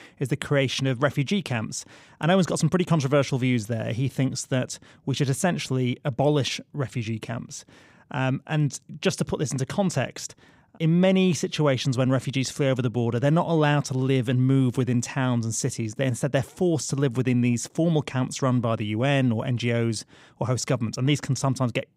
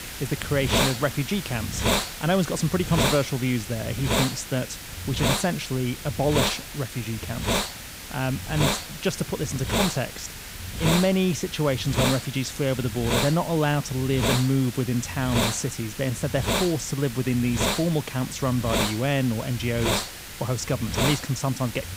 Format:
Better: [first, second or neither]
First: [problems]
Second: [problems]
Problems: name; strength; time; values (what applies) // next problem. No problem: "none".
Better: first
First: none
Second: hiss; loud; throughout; 2 dB below the speech